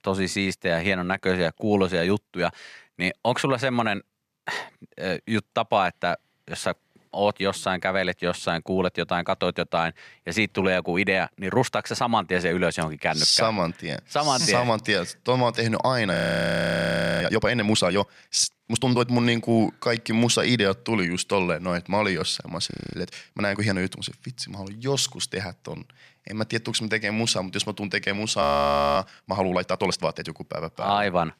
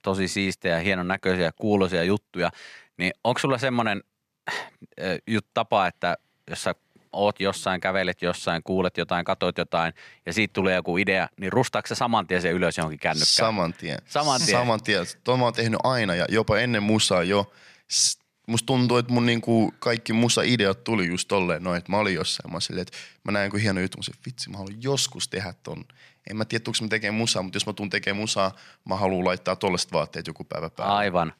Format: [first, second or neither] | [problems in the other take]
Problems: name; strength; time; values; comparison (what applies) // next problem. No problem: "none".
second | audio freezing; at 16 s for 1 s, at 23 s and at 28 s for 0.5 s